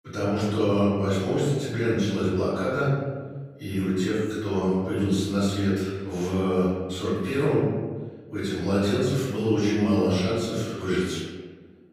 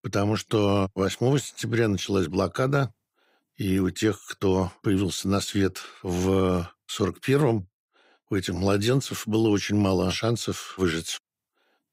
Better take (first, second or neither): second